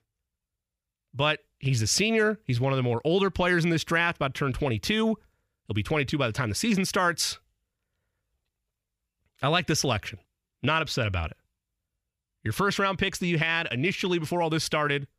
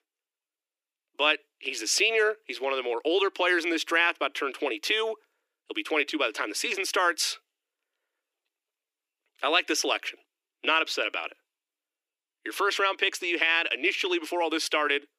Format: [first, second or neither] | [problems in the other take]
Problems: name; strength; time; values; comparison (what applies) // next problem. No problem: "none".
first | thin; very; fading below 300 Hz